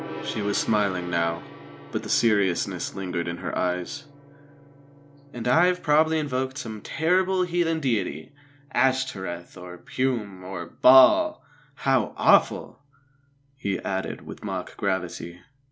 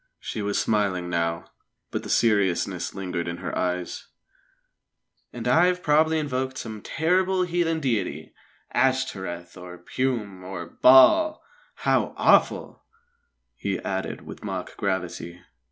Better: second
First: background sound (Gong); 19 dB below the speech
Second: none

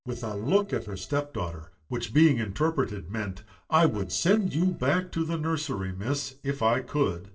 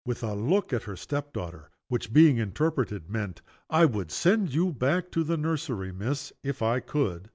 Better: second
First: noise reduction (neural separator model SepFormer DNS4)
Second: none

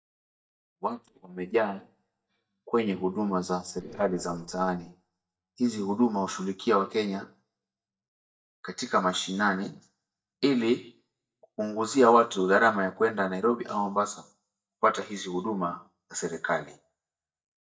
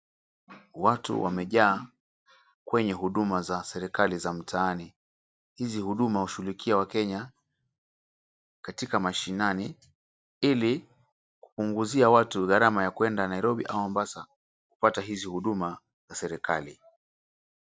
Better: second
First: noise reduction (neural mask model DeepFilterNet 3)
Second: none

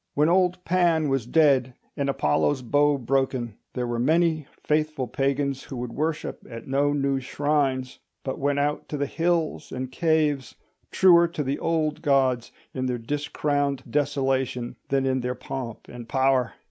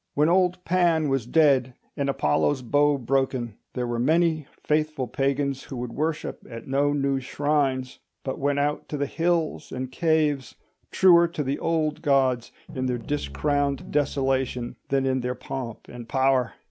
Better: first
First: none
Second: background sound (Piano); 14 dB below the speech

